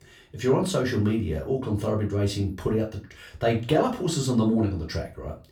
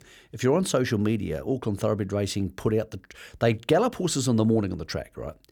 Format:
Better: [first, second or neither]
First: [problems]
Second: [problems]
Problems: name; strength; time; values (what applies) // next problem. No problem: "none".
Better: second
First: off-mic speech; far // room echo; very slight; dies away in 0.3 s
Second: none